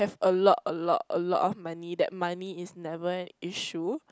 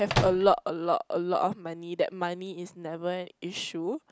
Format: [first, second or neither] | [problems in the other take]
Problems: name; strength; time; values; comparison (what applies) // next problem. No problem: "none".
first | background sound (Microwave oven); as loud as the speech